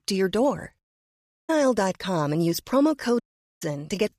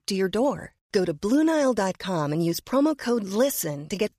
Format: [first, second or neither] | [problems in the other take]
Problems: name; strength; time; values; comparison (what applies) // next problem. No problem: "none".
second | audio cutting out; at 1 s for 0.5 s and at 3 s